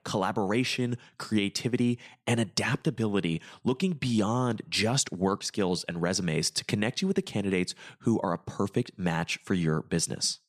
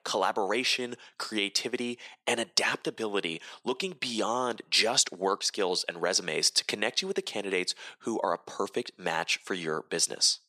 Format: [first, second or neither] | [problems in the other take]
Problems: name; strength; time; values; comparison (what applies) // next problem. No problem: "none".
first | thin; somewhat; fading below 500 Hz